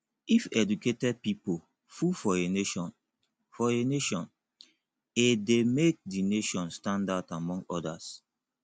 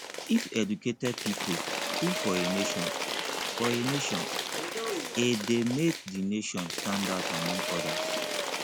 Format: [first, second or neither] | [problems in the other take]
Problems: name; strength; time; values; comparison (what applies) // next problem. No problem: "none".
first | background sound (Applause / Crowd / Cheering); 2 dB below the speech